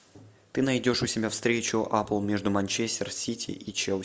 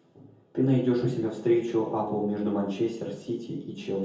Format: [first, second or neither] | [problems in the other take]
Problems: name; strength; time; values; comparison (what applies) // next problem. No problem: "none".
first | room echo; dies away in 0.7 s